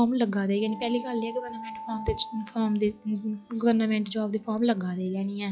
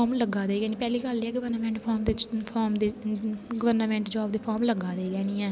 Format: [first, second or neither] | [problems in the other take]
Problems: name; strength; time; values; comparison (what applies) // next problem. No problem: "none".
second | noise reduction (classical method log-MMSE)